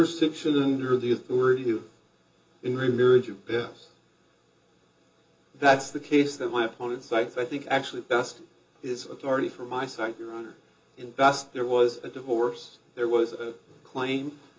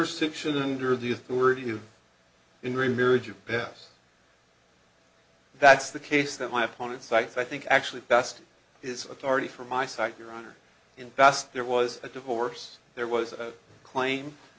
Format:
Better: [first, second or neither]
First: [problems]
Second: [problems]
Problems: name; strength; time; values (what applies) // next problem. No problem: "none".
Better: second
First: room echo; dies away in 0.2 s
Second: none